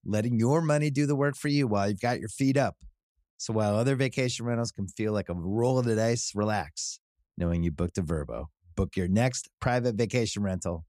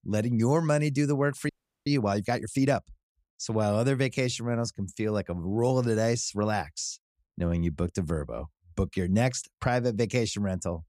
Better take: first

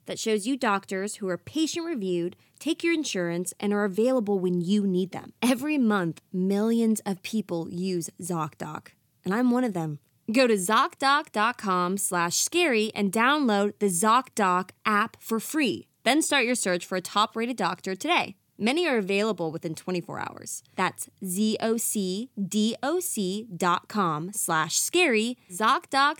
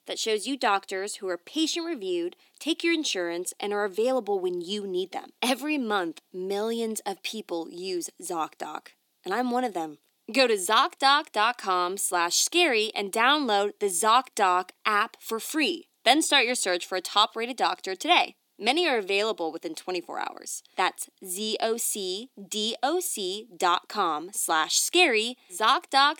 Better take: first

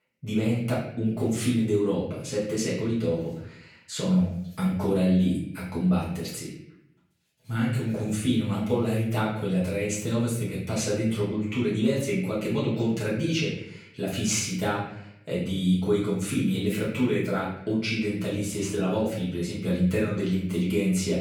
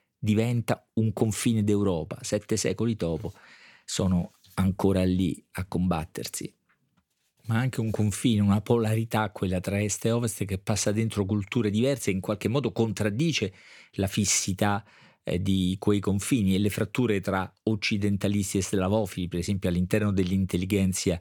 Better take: second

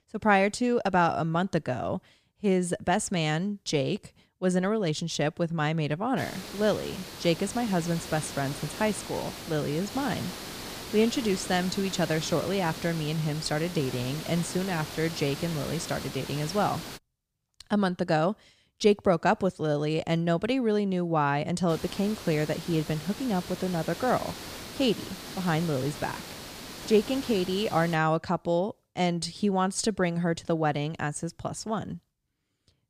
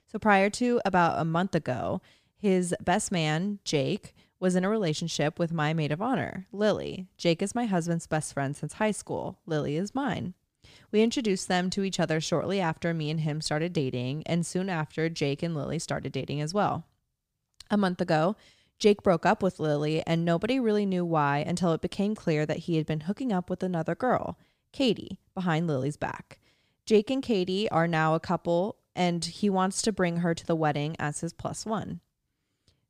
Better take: second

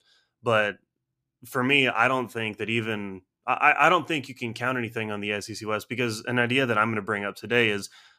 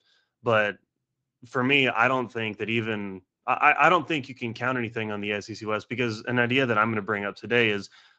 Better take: first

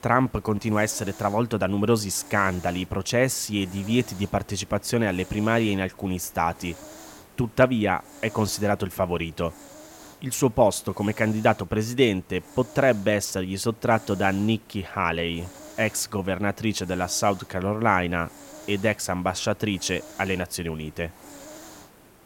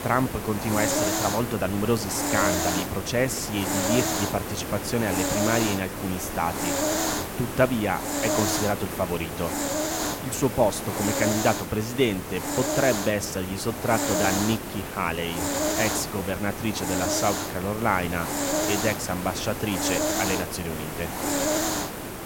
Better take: first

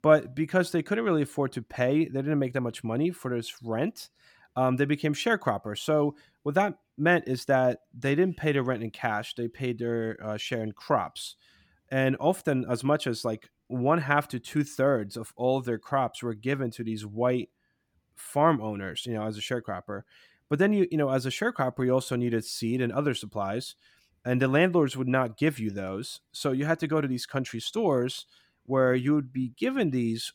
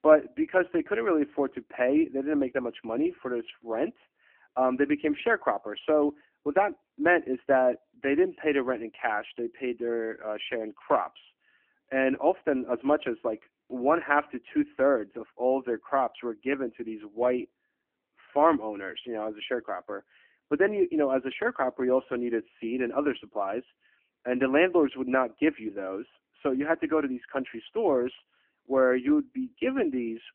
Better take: first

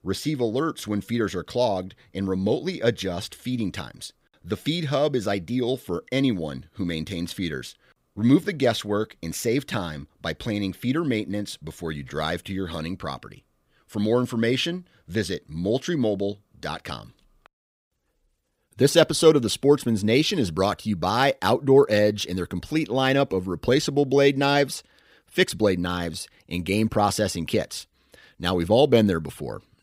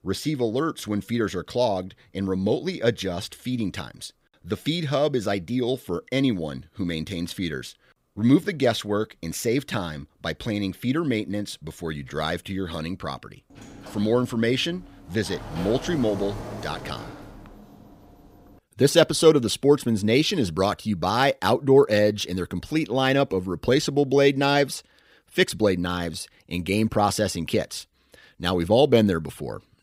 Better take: first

